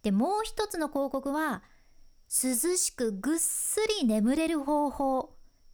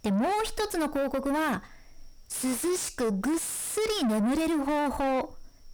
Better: first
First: none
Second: distortion; heavy; 7 dB below the speech

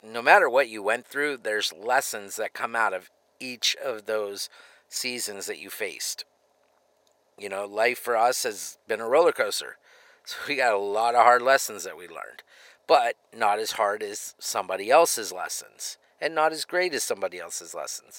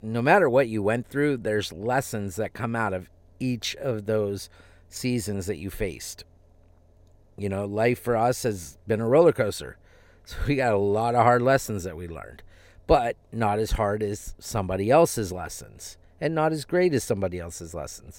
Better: second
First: thin; very; fading below 700 Hz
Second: none

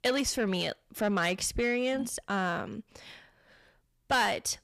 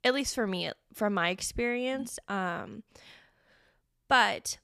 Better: second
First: distortion; heavy; 8 dB below the speech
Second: none

